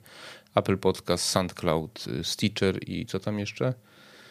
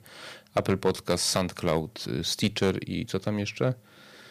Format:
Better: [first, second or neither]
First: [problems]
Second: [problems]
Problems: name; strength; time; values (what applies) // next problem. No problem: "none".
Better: first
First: none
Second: distortion; slight; 2% of the sound clipped